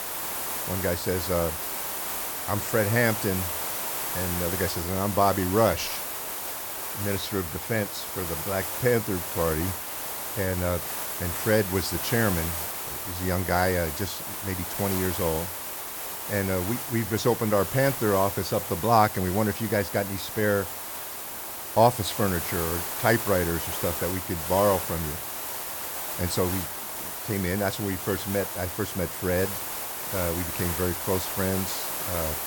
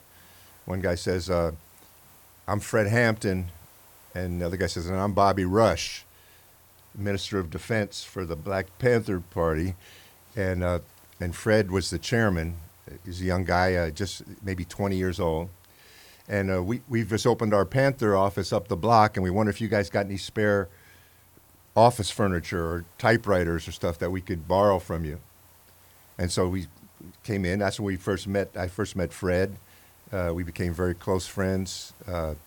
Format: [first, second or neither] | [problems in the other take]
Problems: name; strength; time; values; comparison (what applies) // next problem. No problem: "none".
second | hiss; loud; throughout; 3 dB below the speech; faint in the second